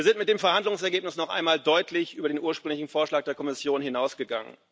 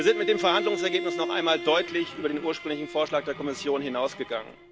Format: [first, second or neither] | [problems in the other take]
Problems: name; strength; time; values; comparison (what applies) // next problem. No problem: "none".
first | background sound (Bowed string instrument); 8 dB below the speech